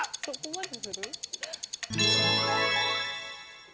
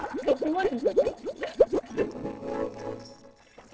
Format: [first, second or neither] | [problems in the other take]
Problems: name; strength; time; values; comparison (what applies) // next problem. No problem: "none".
first | noise reduction (neural separator model SepFormer DNS4)